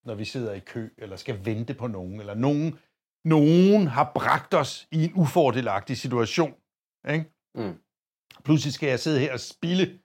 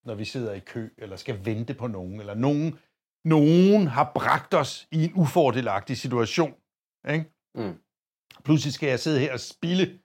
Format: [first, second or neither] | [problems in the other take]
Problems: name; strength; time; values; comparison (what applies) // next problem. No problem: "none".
neither | none